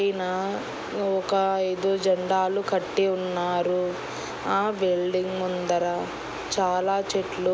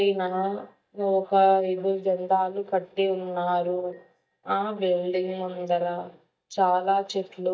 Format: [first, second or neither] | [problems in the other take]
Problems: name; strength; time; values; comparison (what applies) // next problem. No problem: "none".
first | noise reduction (neural mask model DeepFilterNet 3)